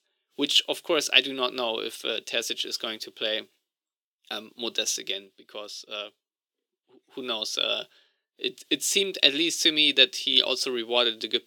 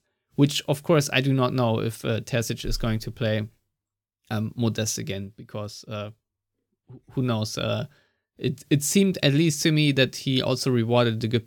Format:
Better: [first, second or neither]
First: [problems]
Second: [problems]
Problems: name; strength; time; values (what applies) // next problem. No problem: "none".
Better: second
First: thin; somewhat; fading below 350 Hz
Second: none